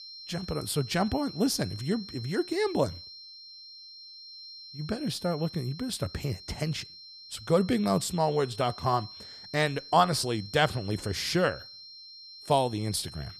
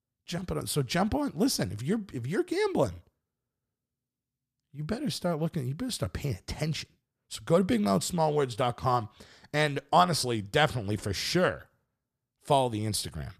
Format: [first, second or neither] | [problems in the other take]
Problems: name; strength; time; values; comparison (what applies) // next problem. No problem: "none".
second | high-pitched whine; noticeable; throughout; 4 kHz, 15 dB below the speech